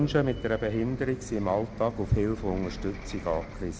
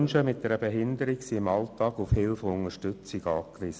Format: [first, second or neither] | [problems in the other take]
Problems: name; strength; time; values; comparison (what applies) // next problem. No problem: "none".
second | background sound (Bus); 10 dB below the speech